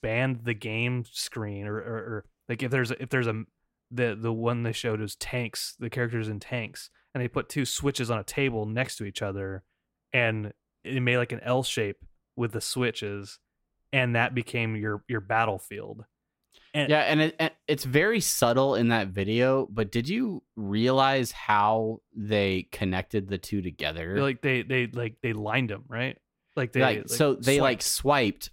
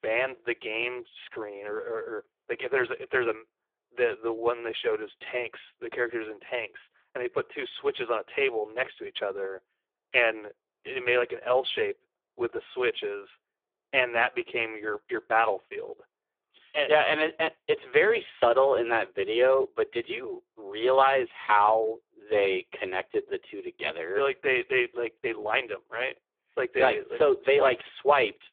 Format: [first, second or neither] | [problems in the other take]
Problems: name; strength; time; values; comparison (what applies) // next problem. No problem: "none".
first | phone-call audio; poor line; nothing above 3.5 kHz